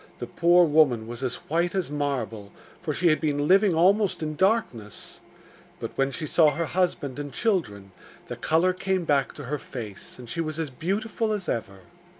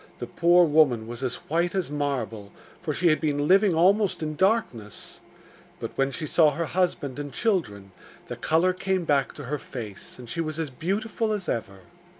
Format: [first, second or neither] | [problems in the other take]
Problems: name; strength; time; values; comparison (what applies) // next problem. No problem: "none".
second | background sound (Keyboard (musical)); 13 dB below the speech